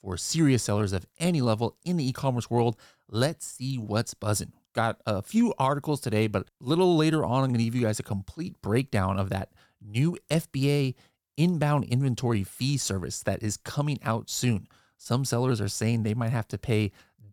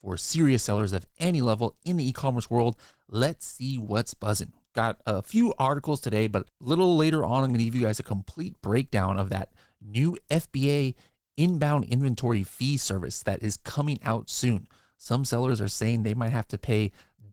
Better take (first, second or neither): first